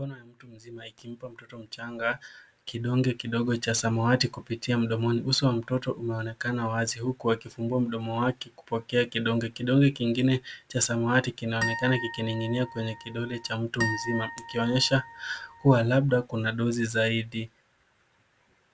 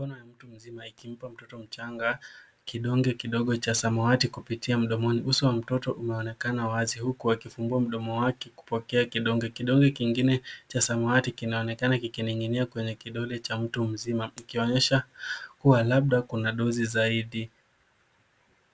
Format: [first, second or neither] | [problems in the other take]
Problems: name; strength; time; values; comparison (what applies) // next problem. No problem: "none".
second | background sound (Harp); 9 dB below the speech